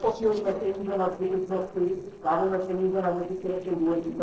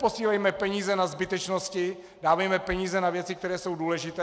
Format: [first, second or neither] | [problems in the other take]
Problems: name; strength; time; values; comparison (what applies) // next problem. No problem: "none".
second | noise reduction (neural separator model SepFormer DNS4)